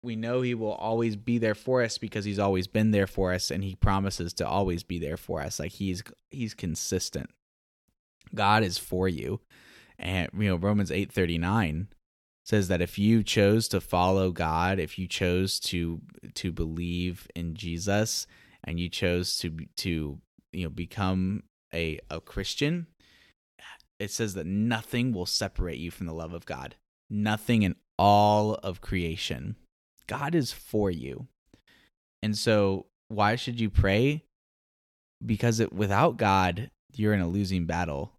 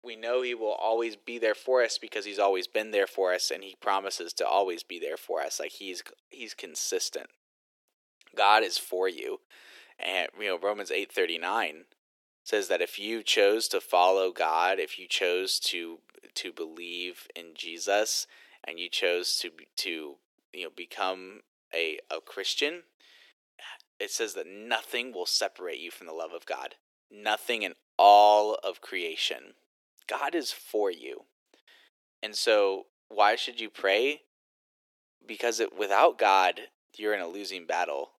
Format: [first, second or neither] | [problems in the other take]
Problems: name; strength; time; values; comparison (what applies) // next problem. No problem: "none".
first | thin; very; fading below 350 Hz